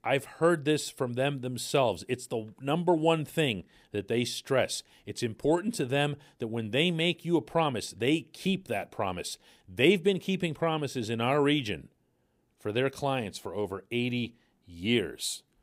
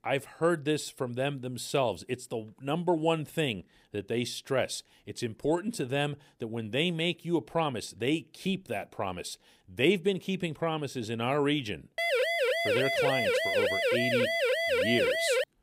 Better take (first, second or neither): first